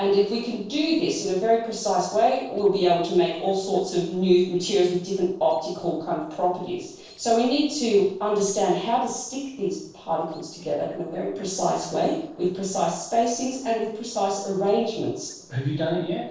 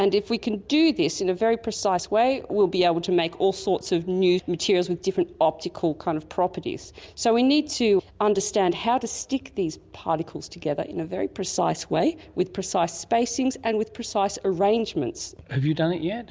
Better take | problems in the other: second | noise reduction (neural separator model SepFormer DNS4)

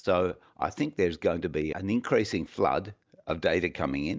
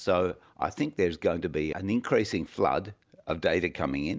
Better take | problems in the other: second | noise reduction (neural mask model DeepFilterNet 3)

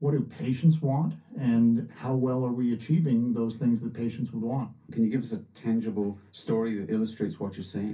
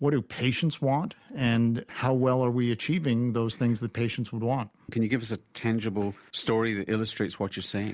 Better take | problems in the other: second | room echo; dies away in 0.3 s

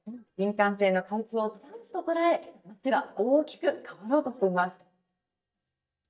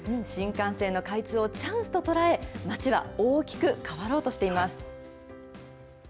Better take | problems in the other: second | noise reduction (neural mask model DeepFilterNet 3)

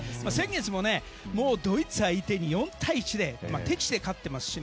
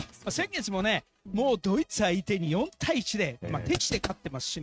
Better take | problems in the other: first | noise reduction (neural mask model RNNoise)

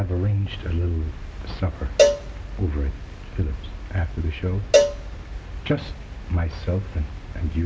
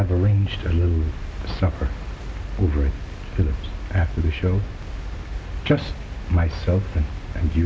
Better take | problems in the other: second | background sound (Cowbell); 1 dB above the speech

